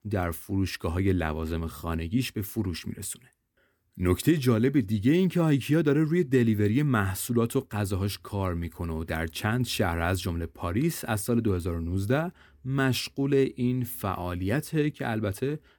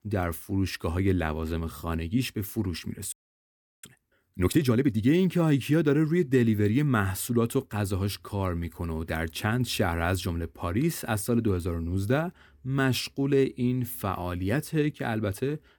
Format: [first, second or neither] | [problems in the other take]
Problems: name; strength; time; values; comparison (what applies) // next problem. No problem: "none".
first | audio freezing; at 3 s for 0.5 s